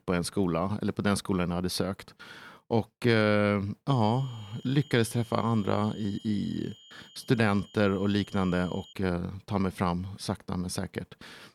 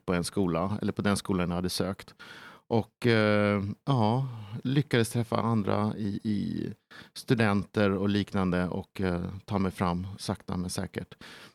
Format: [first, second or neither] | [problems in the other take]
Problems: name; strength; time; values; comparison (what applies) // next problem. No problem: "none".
second | high-pitched whine; faint; from 4 to 9 s; 3 kHz, 20 dB below the speech